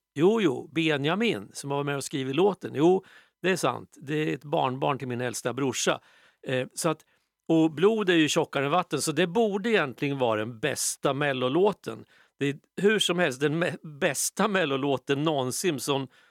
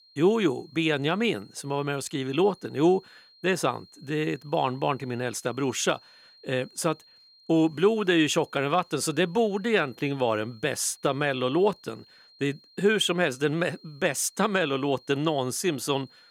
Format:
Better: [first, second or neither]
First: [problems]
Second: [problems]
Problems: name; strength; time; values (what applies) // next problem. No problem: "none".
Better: first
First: none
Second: high-pitched whine; faint; throughout; 4 kHz, 25 dB below the speech